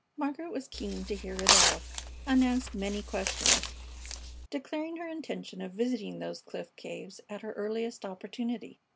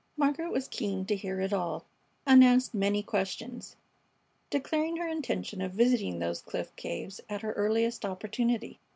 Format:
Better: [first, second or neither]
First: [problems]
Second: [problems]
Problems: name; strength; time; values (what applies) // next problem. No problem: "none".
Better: second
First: background sound (Tearing); 4 dB above the speech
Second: none